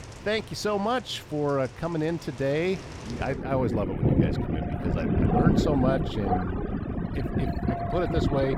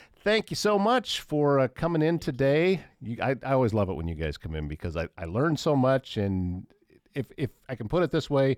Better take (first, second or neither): second